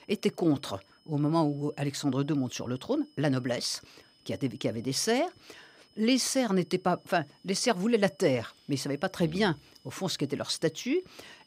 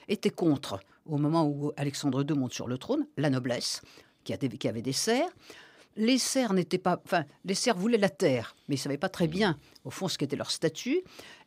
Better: second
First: high-pitched whine; faint; throughout; 5 kHz, 30 dB below the speech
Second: none

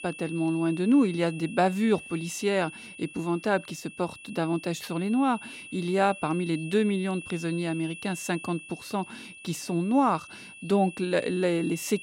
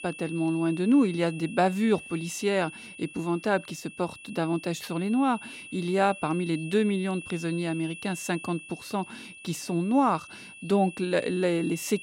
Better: neither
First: high-pitched whine; noticeable; throughout; 2.5 kHz, 15 dB below the speech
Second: high-pitched whine; noticeable; throughout; 2.5 kHz, 15 dB below the speech

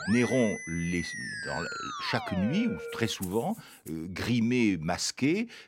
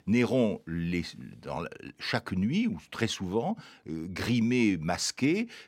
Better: second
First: background music; loud; until 3.5 s; 7 dB below the speech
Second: none

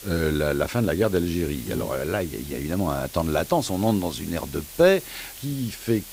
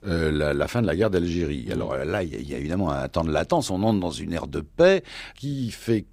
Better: second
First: hiss; noticeable; throughout; 15 dB below the speech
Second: none

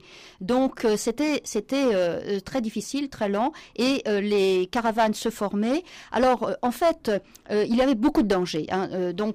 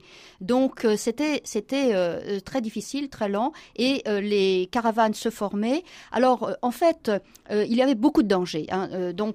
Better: second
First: distortion; slight; 6% of the sound clipped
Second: none

